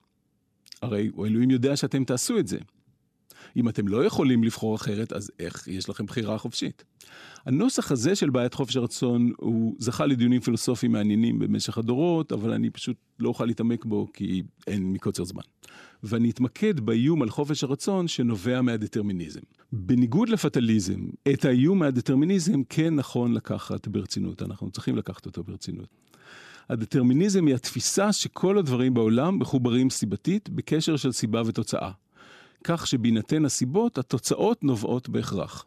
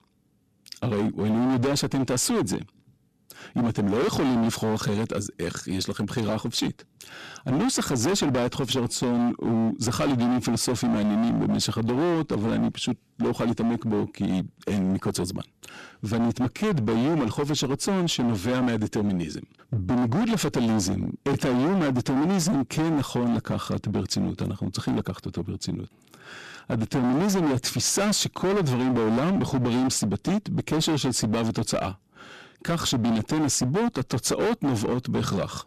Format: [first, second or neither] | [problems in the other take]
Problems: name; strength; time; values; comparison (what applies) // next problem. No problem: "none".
first | distortion; heavy; 24% of the sound clipped